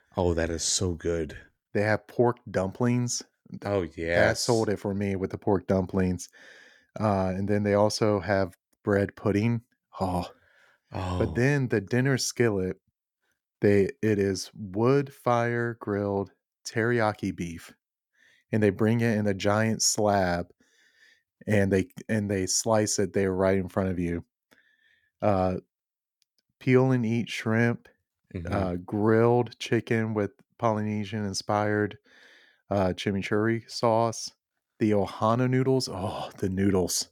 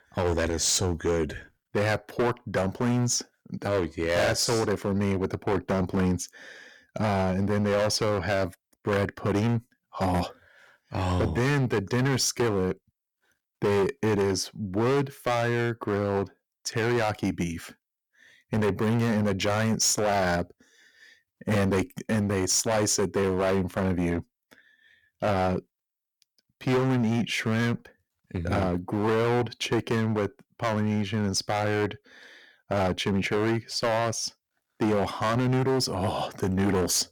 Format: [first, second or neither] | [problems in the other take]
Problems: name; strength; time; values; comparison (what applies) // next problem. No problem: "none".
first | distortion; heavy; 14% of the sound clipped